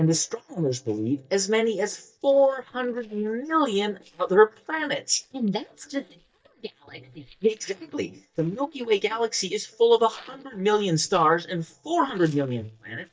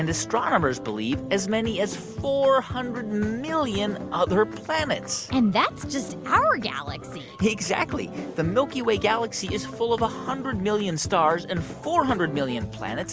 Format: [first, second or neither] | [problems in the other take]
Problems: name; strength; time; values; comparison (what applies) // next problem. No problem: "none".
second | noise reduction (neural mask model DeepFilterNet 3)